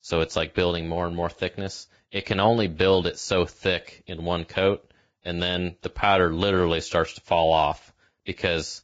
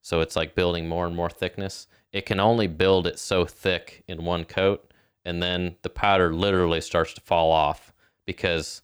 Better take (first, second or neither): second